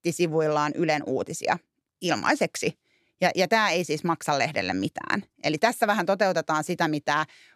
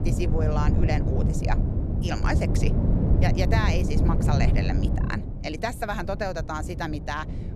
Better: first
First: none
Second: wind noise on the microphone; heavy; 5 dB below the speech

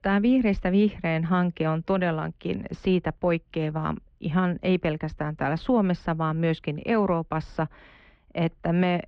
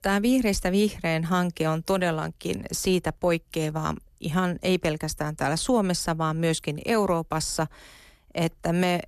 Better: second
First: muffled; very; fading above 3 kHz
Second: none

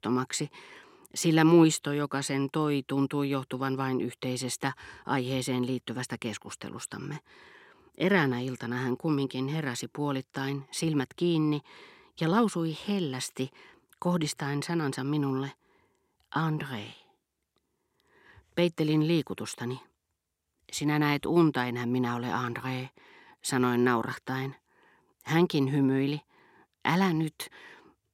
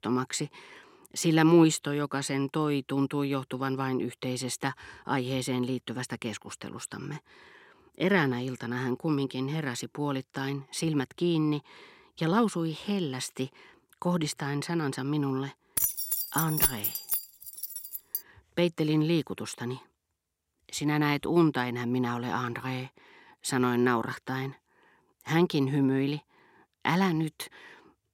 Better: first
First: none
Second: jangling keys; loud; from 16 to 18 s; peak 5 dB above the speech

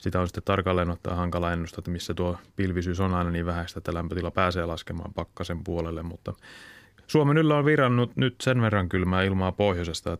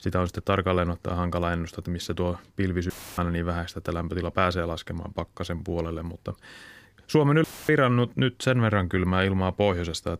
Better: first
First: none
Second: audio cutting out; filled with static; at 3 s and at 7.5 s

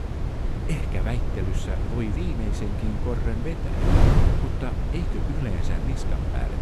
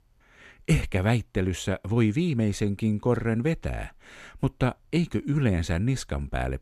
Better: second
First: wind noise on the microphone; heavy; 2 dB above the speech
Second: none

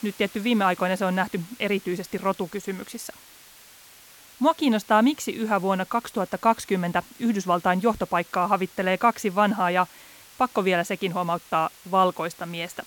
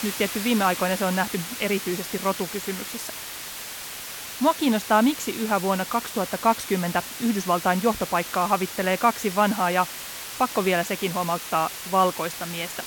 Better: first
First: hiss; faint; throughout; 20 dB below the speech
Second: hiss; loud; throughout; 8 dB below the speech

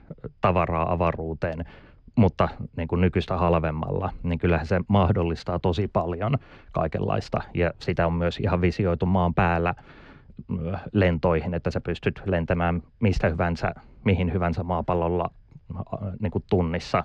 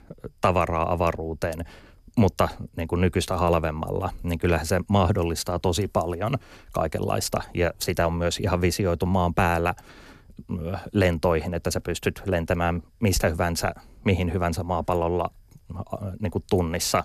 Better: second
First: muffled; slightly; fading above 3.5 kHz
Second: none

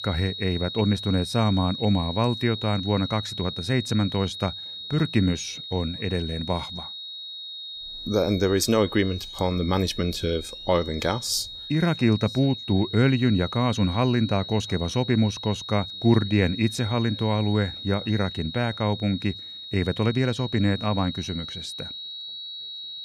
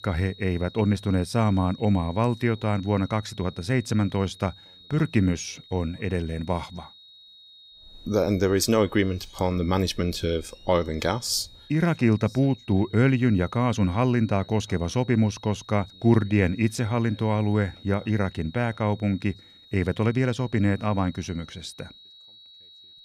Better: second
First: high-pitched whine; loud; throughout; 4 kHz, 9 dB below the speech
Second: high-pitched whine; faint; throughout; 4 kHz, 25 dB below the speech

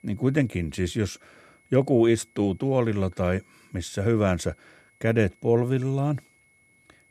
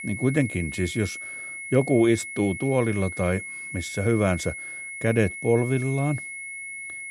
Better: first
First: high-pitched whine; faint; throughout; 2 kHz, 35 dB below the speech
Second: high-pitched whine; loud; throughout; 2 kHz, 9 dB below the speech

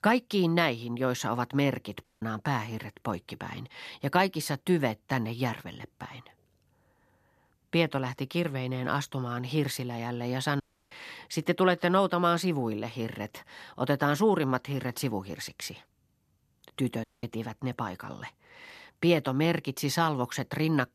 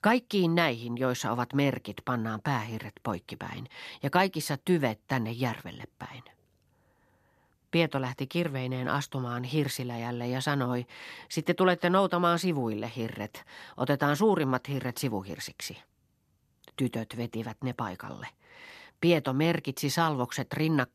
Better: second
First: audio cutting out; at 2 s, at 11 s and at 17 s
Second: none

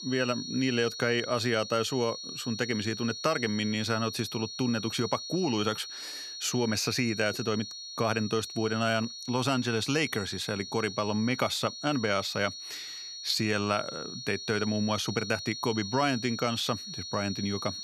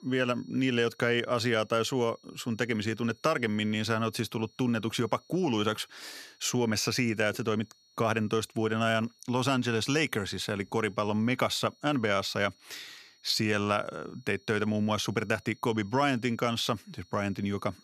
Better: second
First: high-pitched whine; loud; throughout; 4.5 kHz, 8 dB below the speech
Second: high-pitched whine; faint; throughout; 4.5 kHz, 30 dB below the speech

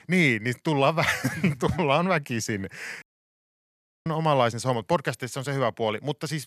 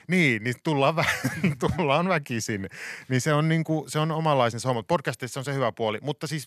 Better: second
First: audio cutting out; at 3 s for 1 s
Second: none

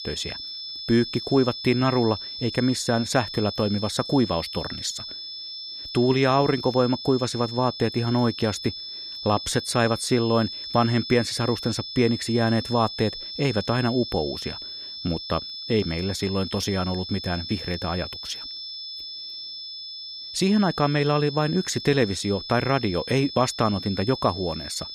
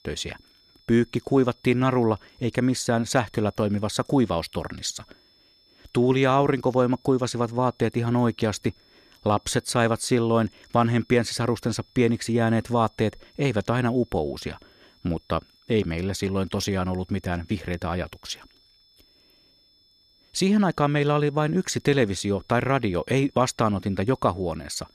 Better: second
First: high-pitched whine; loud; throughout; 5 kHz, 8 dB below the speech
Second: high-pitched whine; faint; throughout; 5 kHz, 30 dB below the speech

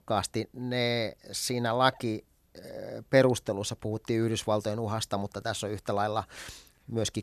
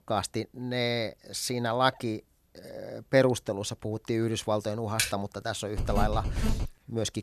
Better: first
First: none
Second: keyboard typing; noticeable; at 5 s; peak level with the speech // phone ringing; noticeable; at 6 s; peak 2 dB below the speech

